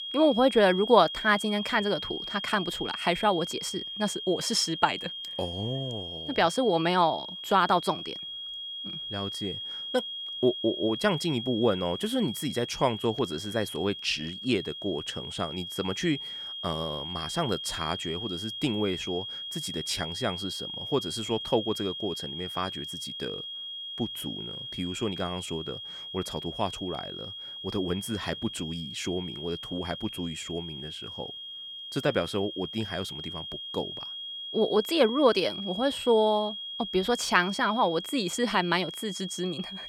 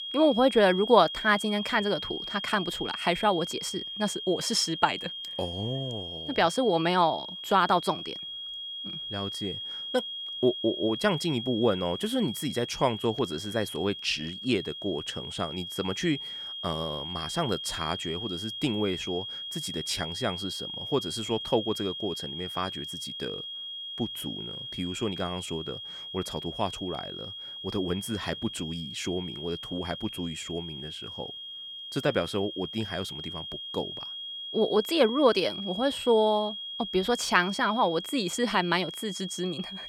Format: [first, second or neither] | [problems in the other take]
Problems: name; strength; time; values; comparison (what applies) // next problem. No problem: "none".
neither | high-pitched whine; loud; throughout; 3.5 kHz, 7 dB below the speech; the same in both